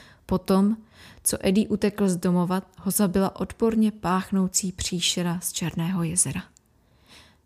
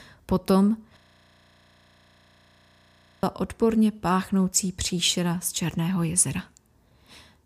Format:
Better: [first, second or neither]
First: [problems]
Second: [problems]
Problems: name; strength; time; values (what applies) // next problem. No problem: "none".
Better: first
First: none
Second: audio freezing; at 1 s for 2.5 s